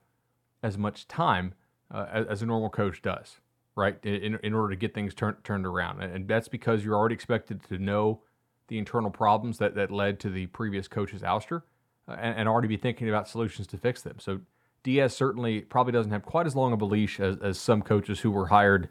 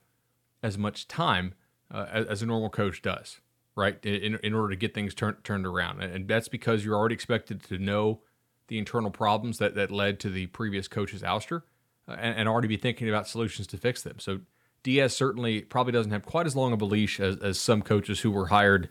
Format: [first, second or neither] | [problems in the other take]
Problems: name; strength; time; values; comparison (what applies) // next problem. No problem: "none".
second | muffled; slightly; fading above 2 kHz